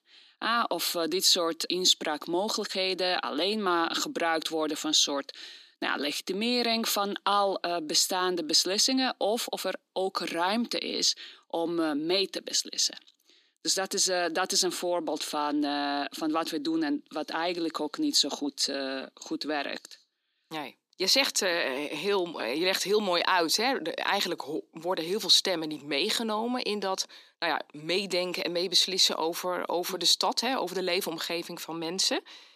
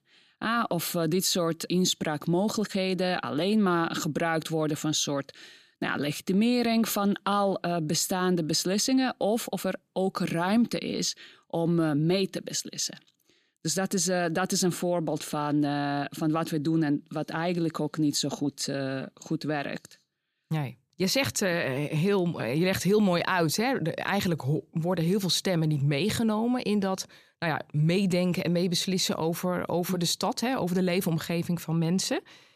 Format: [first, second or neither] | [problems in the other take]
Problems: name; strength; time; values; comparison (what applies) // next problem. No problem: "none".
second | thin; somewhat; fading below 250 Hz